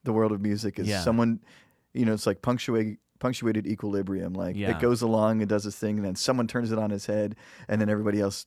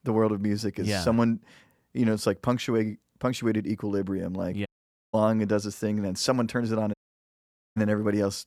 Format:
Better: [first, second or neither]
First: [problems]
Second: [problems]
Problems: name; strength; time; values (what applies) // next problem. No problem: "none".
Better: first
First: none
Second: audio cutting out; at 4.5 s and at 7 s for 1 s